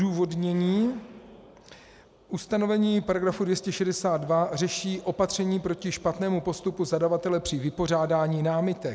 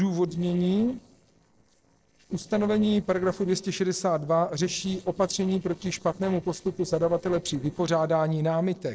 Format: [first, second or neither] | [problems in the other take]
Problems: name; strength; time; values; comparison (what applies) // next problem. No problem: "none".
first | noise reduction (neural separator model SepFormer DNS4)